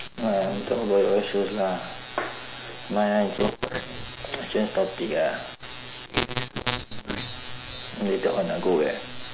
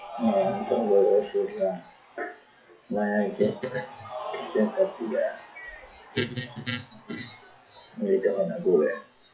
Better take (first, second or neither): first